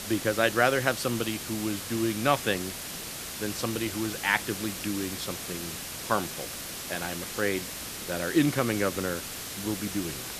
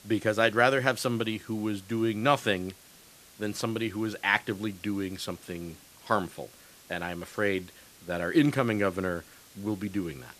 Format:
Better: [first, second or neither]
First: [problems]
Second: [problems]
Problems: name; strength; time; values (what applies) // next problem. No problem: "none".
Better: second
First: hiss; loud; throughout; 6 dB below the speech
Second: hiss; faint; throughout; 25 dB below the speech